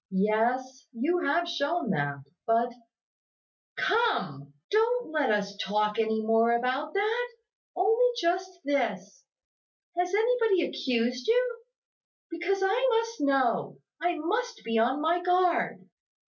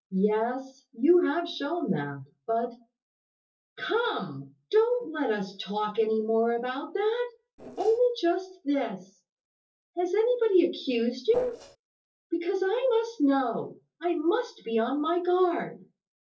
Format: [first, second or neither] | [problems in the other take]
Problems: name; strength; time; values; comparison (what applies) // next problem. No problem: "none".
first | noise reduction (neural separator model SepFormer DNS4)